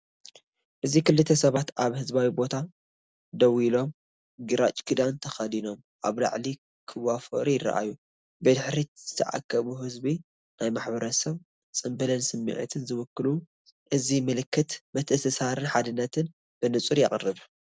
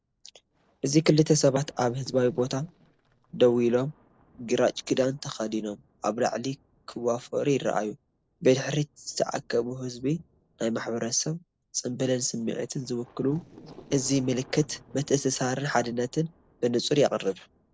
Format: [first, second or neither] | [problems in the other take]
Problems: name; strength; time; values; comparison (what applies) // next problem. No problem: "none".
first | noise reduction (neural separator model SepFormer DNS4)